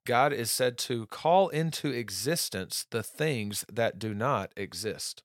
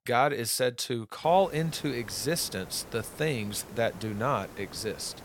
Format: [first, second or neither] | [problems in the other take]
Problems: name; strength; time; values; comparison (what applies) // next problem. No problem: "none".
first | hiss; noticeable; from 1 s on; 20 dB below the speech